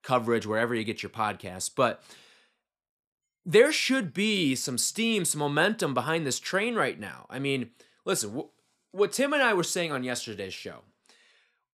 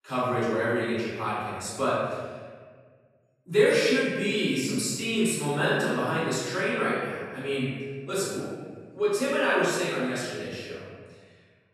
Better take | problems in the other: first | off-mic speech; far // room echo; strong; dies away in 1.5 s

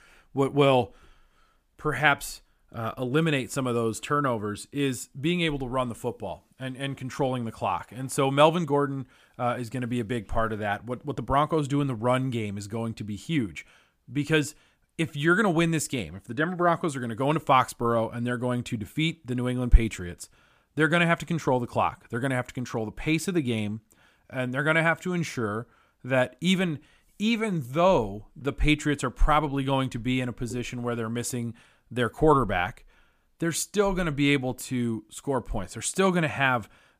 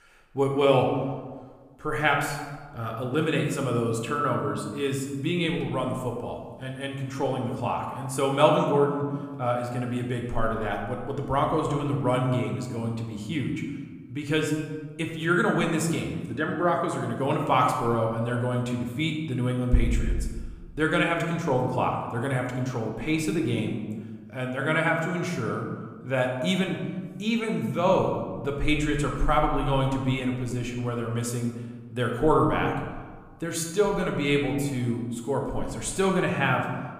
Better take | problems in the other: first | room echo; slight; dies away in 1.2 s

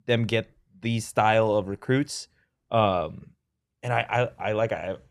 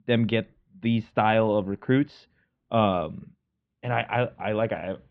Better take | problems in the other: first | muffled; very; fading above 3.5 kHz

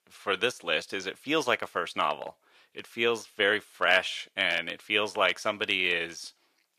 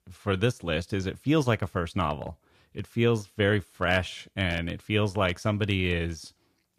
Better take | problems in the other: second | thin; very; fading below 500 Hz

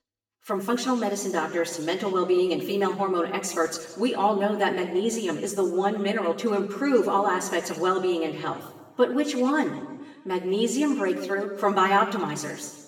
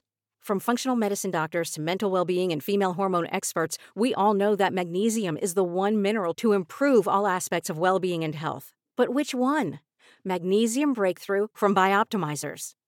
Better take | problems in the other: second | room echo; slight; dies away in 1.1 s // off-mic speech; far

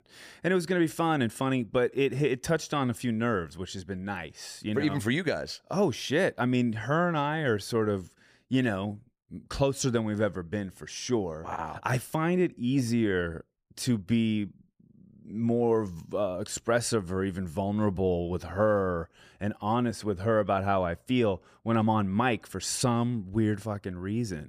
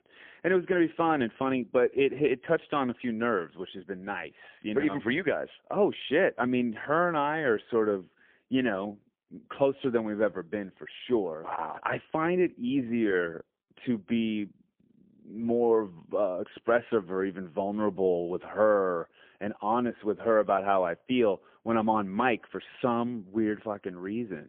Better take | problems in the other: first | phone-call audio; poor line; nothing above 3.5 kHz

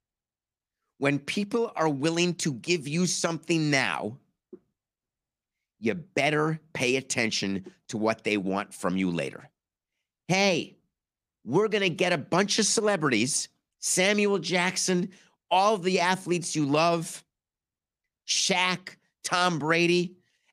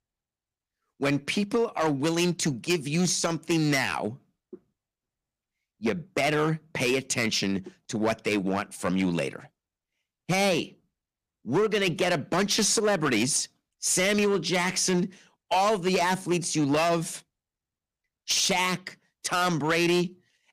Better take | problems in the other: first | distortion; slight; 7% of the sound clipped

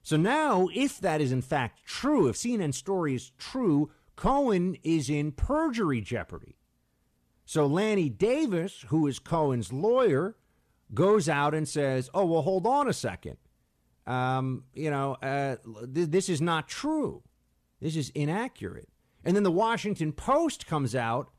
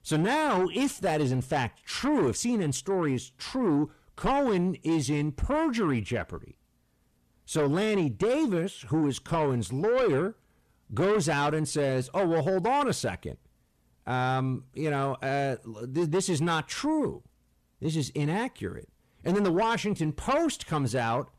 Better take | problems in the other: first | distortion; slight; 10 dB below the speech

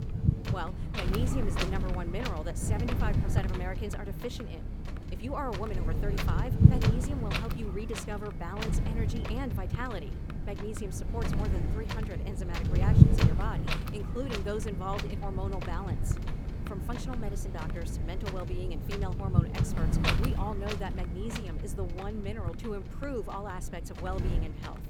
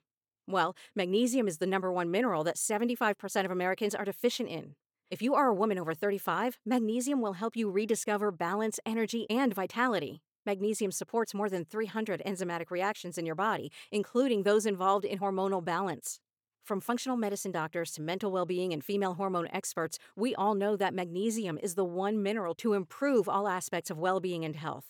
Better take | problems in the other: second | wind noise on the microphone; heavy; 1 dB above the speech

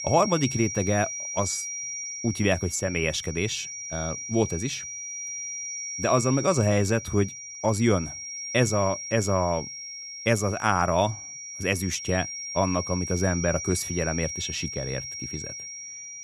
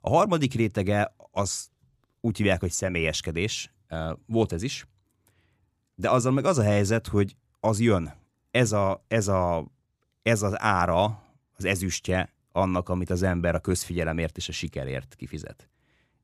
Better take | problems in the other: second | high-pitched whine; loud; throughout; 5.5 kHz, 7 dB below the speech

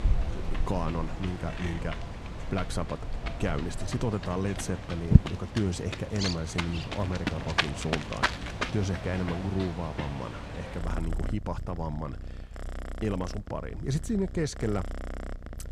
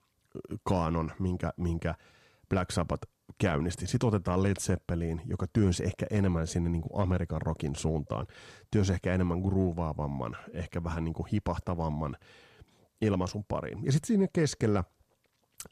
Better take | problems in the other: second | animal sounds; loud; throughout; 1 dB below the speech

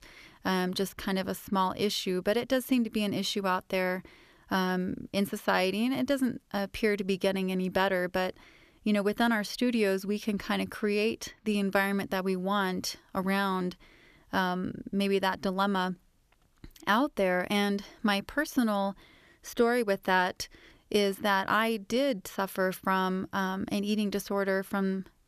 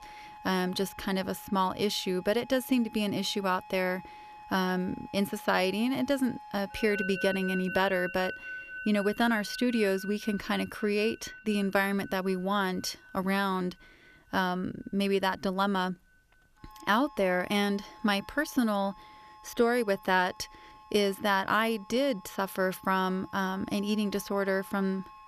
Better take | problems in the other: first | background music; noticeable; throughout; 15 dB below the speech

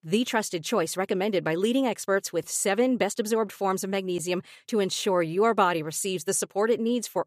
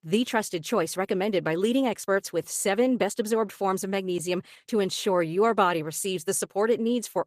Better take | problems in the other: first | garbled, watery; slightly; nothing above 14.5 kHz

